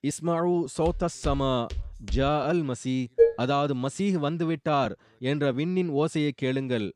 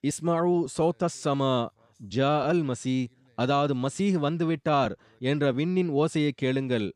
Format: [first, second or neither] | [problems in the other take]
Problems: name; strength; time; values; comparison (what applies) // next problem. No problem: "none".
second | footsteps; noticeable; from 1 to 2.5 s; peak 8 dB below the speech // clattering dishes; loud; at 3 s; peak 5 dB above the speech